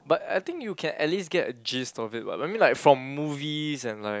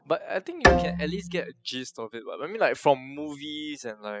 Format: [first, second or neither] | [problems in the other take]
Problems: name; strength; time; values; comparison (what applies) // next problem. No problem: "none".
first | noise reduction (classical method spectral subtraction)